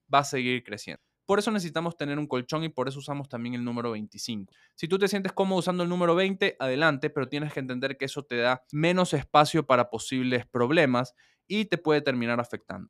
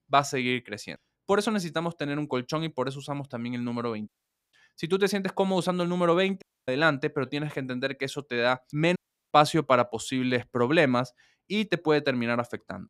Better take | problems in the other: first | audio cutting out; at 4 s, at 6.5 s and at 9 s

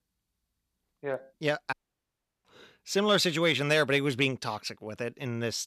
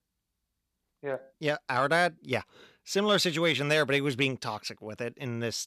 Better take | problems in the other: second | audio cutting out; at 1.5 s for 0.5 s

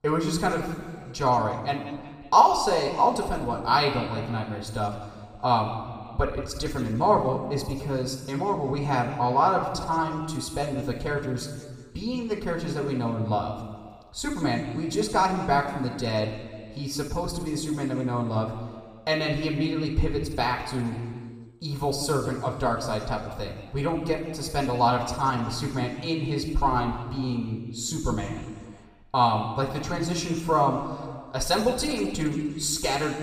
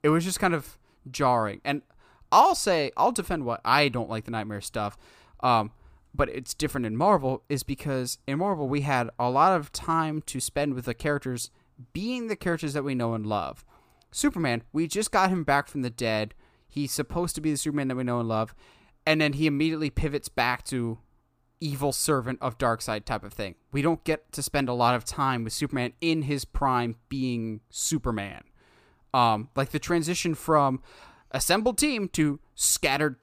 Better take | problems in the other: second | room echo; noticeable; dies away in 1.7 s // off-mic speech; somewhat distant

